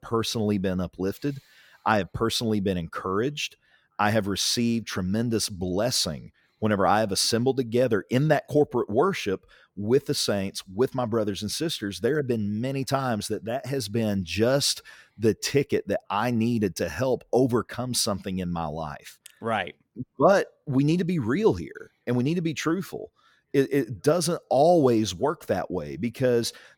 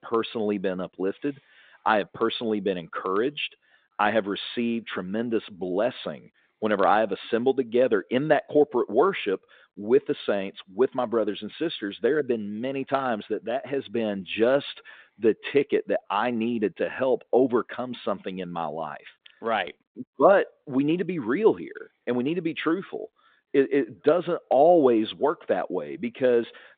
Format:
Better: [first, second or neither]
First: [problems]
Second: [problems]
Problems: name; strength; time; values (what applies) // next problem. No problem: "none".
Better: first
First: none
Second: phone-call audio; nothing above 3.5 kHz